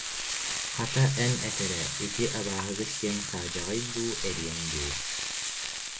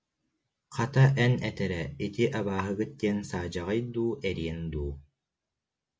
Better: second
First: background sound (Frying (food)); 1 dB below the speech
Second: none

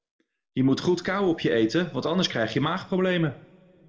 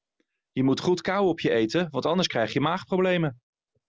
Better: second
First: room echo; dies away in 1.4 s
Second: none

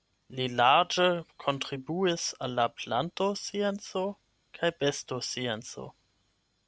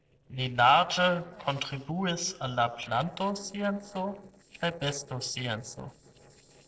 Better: first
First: none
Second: noise reduction (neural separator model SepFormer DNS4)

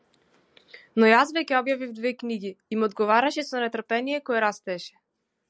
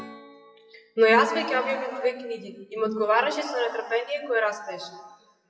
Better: first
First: none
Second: noise reduction (classical method WPE with log-MMSE)

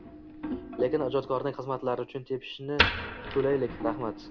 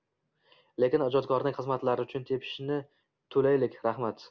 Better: second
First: background sound (Wood); 3 dB below the speech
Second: none

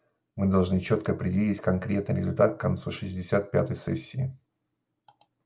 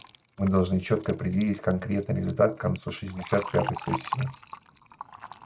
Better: first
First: none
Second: noise reduction (neural mask model RNNoise)

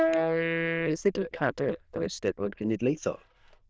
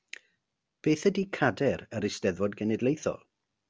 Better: second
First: noise reduction (neural diffusion model UNIVERSE++)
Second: none

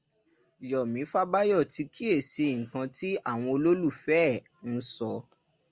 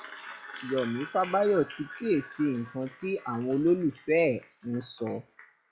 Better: first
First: none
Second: noise reduction (classical method log-MMSE)

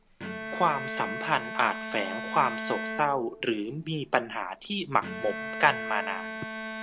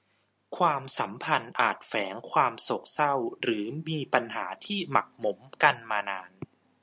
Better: second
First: background sound (Bowed string instrument); 7 dB below the speech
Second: none

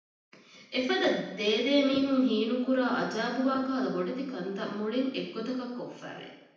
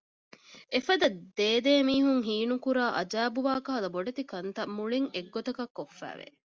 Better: second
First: room echo; dies away in 0.9 s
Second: none

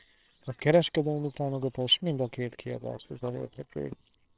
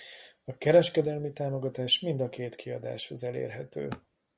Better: second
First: noise reduction (neural separator model SepFormer WHAMR!)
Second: none

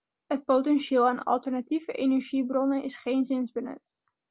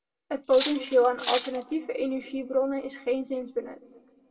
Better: first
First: none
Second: background sound (Cutlery, silverware); 9 dB below the speech // room echo; dies away in 1.8 s

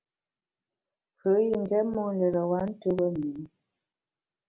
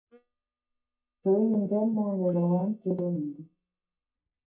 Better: first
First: none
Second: noise reduction (neural mask model DeepFilterNet 3)

